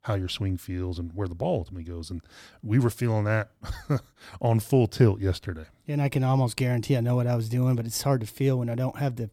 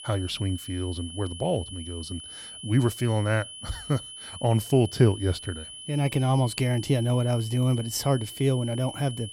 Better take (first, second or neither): first